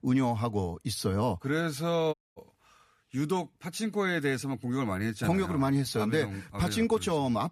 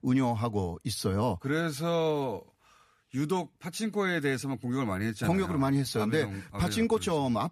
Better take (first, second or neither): second